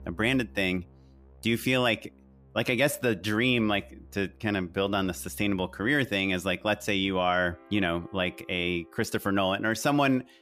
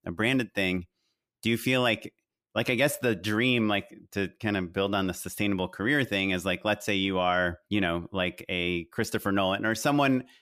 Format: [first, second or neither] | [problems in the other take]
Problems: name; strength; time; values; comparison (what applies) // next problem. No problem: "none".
second | background music; faint; throughout; 25 dB below the speech